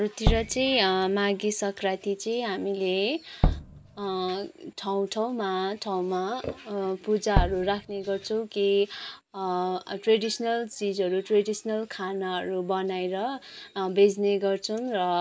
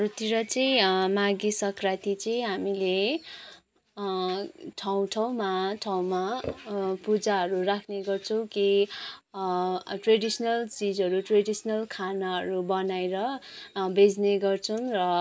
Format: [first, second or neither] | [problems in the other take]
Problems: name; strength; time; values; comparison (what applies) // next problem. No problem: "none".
second | background sound (Tap / Bass drum); 1 dB below the speech